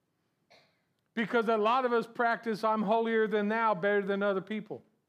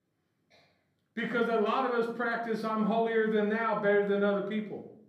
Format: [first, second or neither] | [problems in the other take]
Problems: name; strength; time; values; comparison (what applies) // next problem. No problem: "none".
first | off-mic speech; far // room echo; slight; dies away in 0.5 s